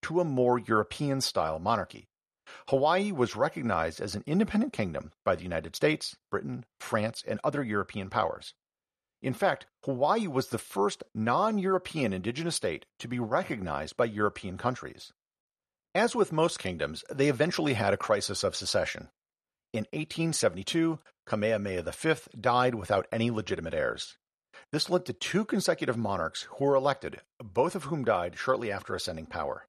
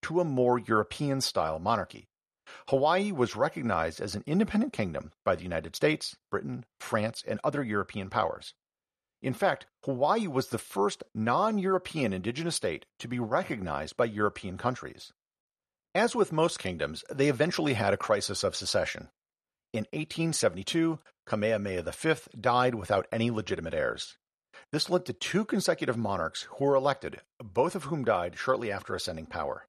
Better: neither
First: none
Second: none

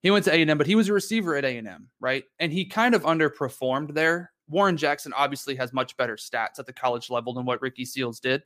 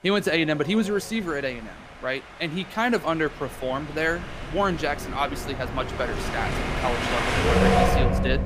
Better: first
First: none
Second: wind in the background; very loud; throughout; 1 dB above the speech

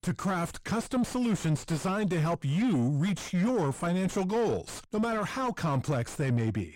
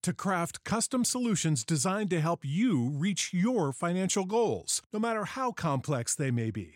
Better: second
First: distortion; heavy; 6 dB below the speech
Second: none

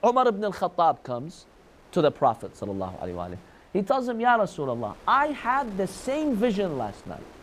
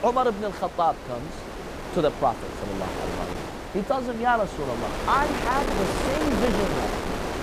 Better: first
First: wind noise on the microphone; occasional gusts; 25 dB below the speech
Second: wind noise on the microphone; heavy; 5 dB below the speech

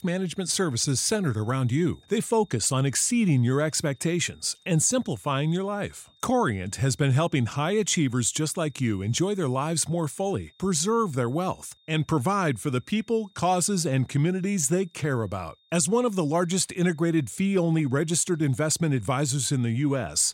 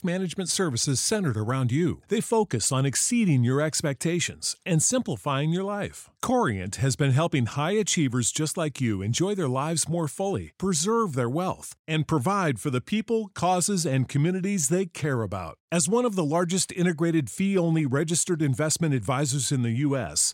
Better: second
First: high-pitched whine; faint; throughout; 3.5 kHz, 35 dB below the speech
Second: none

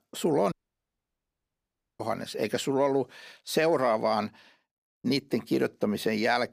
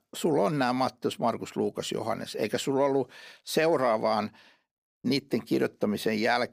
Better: second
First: audio cutting out; at 0.5 s for 1.5 s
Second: none

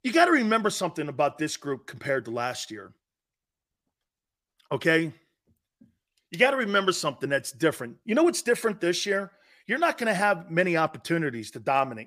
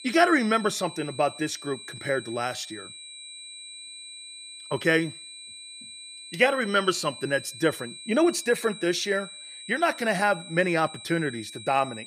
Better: first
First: none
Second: high-pitched whine; noticeable; throughout; 4 kHz, 15 dB below the speech

